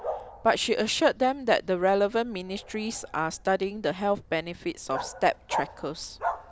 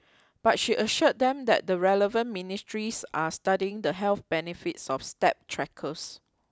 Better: second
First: background sound (Bark); 11 dB below the speech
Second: none

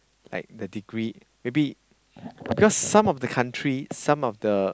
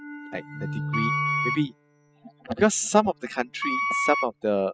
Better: first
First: none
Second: noise reduction (classical method spectral subtraction)

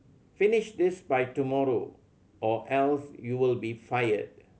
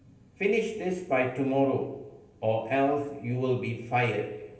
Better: first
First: none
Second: room echo; dies away in 0.9 s

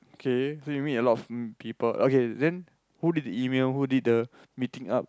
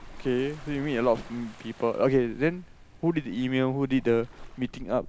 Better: first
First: none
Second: background sound (Waves, surf); 17 dB below the speech

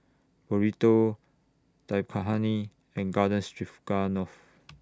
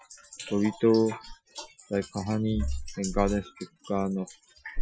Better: first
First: none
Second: noise reduction (classical method Wiener filter)

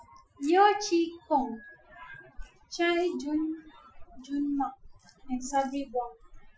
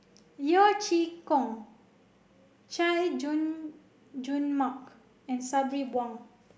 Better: second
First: noise reduction (classical method Wiener filter)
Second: none

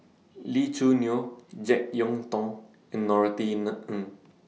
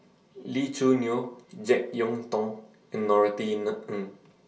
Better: first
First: none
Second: room echo; dies away in 0.2 s

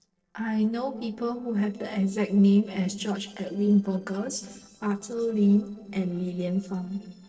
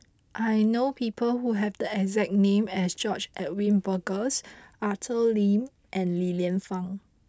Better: second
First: noise reduction (neural separator model SepFormer DNS4)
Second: none

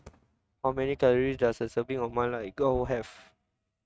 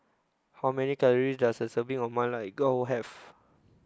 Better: second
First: noise reduction (neural mask model RNNoise)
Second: none

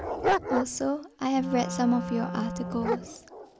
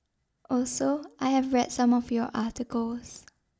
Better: second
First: background sound (Dog + Wind instrument, woodwind instrument); 2 dB below the speech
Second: none

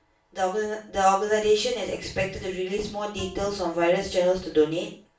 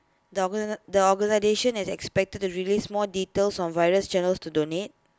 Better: second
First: background sound (Bowed string instrument); 19 dB below the speech // room echo; dies away in 0.3 s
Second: none

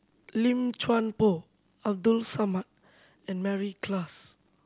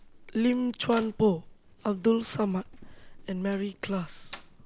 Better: first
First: none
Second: background sound (Slam + Livestock, farm animals, working animals); 19 dB below the speech

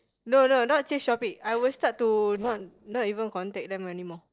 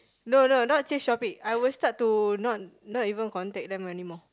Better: second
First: noise reduction (neural separator model SepFormer DNS4)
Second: none

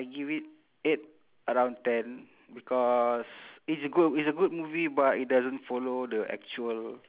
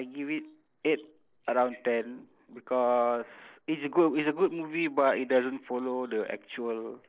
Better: first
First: none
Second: noise reduction (neural separator model SepFormer DNS4)

